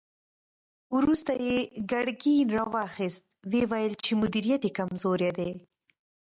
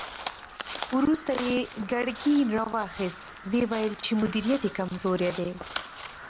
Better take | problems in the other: first | background sound (Crow); 12 dB below the speech

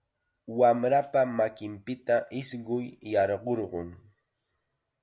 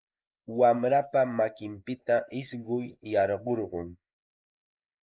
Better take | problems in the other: first | noise reduction (neural mask model Resemble Enhance denoiser)

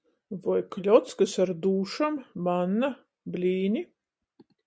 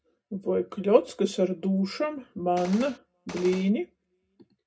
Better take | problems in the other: first | background sound (Gunshot, gunfire); 14 dB below the speech // room echo; dies away in 0.2 s

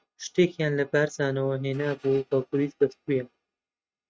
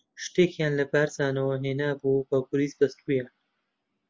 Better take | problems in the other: second | noise reduction (neural mask model RNNoise)

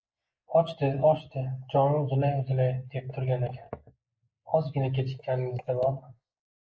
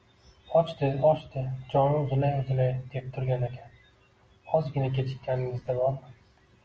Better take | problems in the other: second | noise reduction (neural mask model Resemble Enhance denoiser)

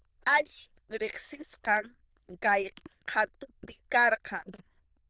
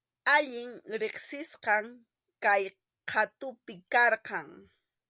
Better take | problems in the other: second | noise reduction (neural diffusion model UNIVERSE++)

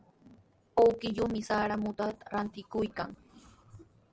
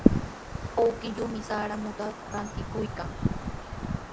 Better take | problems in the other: first | background sound (Wind); 2 dB above the speech

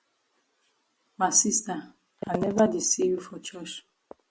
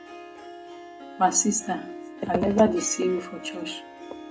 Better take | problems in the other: first | background sound (Harp); 14 dB below the speech // room echo; dies away in 0.2 s

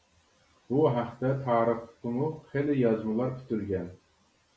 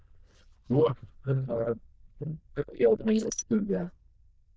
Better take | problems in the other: first | noise reduction (neural diffusion model UNIVERSE++)

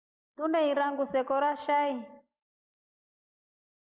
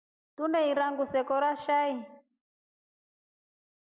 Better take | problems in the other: second | noise reduction (neural mask model Resemble Enhance denoiser)

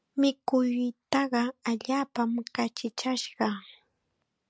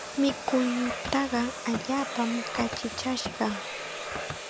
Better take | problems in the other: first | background sound (Domestic sounds, home sounds); 6 dB below the speech

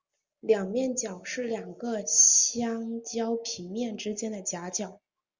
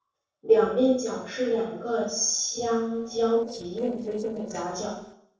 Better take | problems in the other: first | noise reduction (neural separator model SepFormer DNS4)

